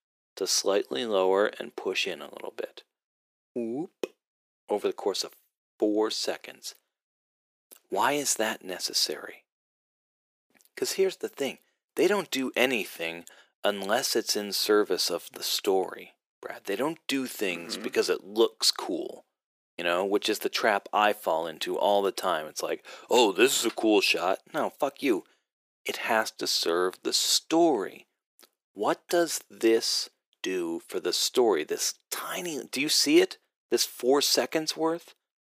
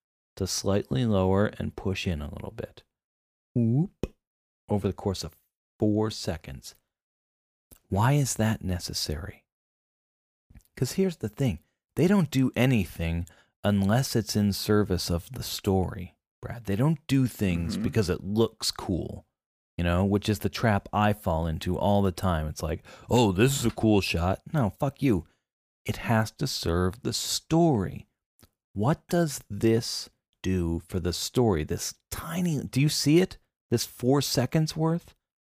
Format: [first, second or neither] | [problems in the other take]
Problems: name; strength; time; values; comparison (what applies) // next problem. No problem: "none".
second | thin; very; fading below 350 Hz